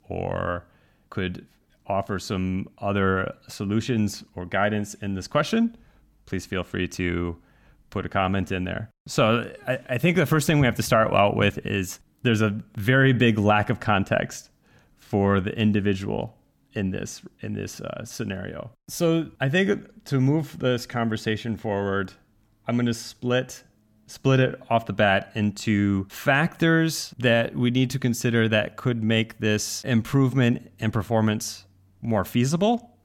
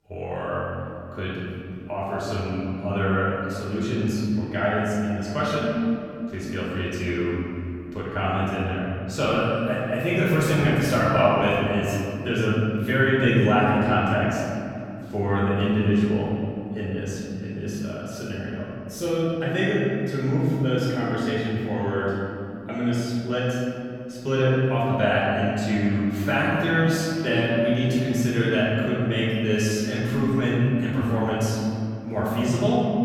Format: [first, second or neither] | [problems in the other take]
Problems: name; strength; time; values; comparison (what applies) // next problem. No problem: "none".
first | off-mic speech; far // room echo; strong; dies away in 2.5 s